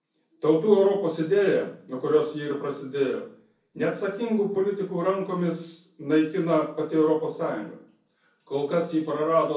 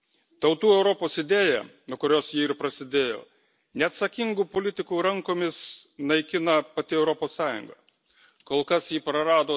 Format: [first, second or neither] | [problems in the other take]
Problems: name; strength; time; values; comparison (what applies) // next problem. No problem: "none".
second | room echo; dies away in 0.6 s